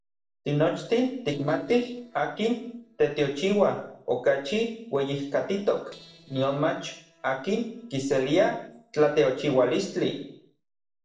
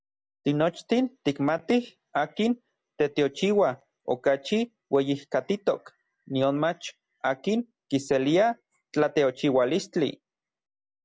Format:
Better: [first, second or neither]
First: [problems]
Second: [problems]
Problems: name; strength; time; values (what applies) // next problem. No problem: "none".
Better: second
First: noise reduction (neural separator model SepFormer DNS4)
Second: none